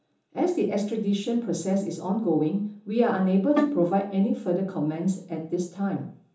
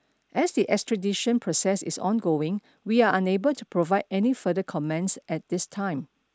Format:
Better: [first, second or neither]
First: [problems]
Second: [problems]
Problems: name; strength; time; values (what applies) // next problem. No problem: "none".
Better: second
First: background sound (Bowed string instrument); 2 dB below the speech // room echo; dies away in 1.2 s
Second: none